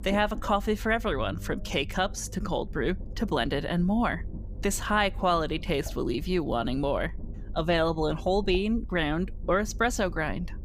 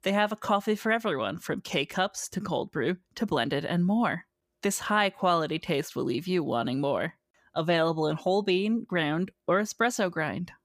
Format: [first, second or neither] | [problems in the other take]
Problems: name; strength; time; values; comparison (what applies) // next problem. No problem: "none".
second | low rumble; faint; throughout; 25 dB below the speech